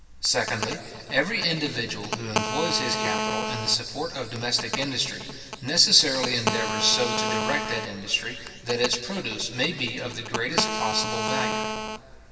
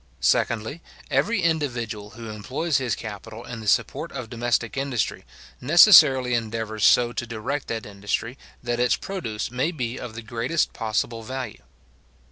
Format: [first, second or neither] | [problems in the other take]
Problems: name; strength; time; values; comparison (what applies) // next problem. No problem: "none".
second | background sound (Telephone); 4 dB below the speech // room echo; dies away in 2.4 s